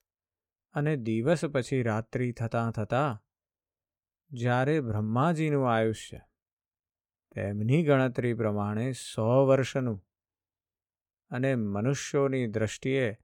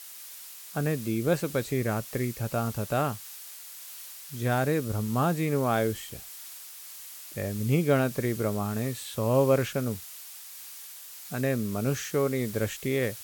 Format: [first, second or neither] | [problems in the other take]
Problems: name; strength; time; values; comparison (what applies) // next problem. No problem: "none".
first | hiss; noticeable; throughout; 10 dB below the speech